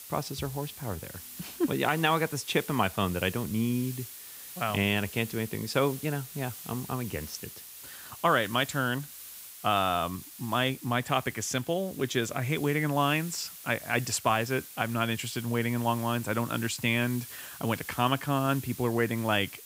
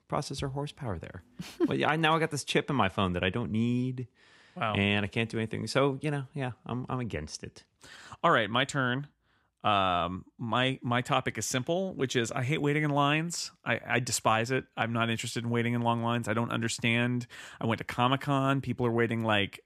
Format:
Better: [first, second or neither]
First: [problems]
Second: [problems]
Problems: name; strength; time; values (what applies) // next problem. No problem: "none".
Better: second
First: hiss; noticeable; throughout; 15 dB below the speech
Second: none